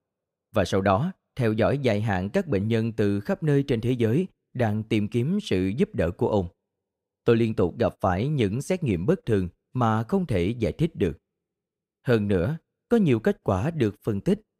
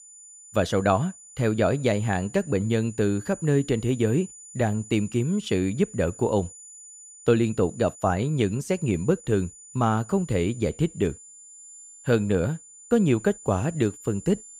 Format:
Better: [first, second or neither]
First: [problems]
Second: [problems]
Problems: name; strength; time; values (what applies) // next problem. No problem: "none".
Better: first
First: none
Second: high-pitched whine; noticeable; throughout; 7 kHz, 20 dB below the speech